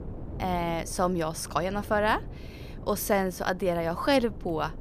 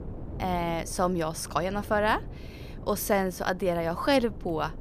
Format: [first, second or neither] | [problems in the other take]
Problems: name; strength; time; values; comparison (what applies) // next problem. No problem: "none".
neither | wind noise on the microphone; occasional gusts; 20 dB below the speech; the same in both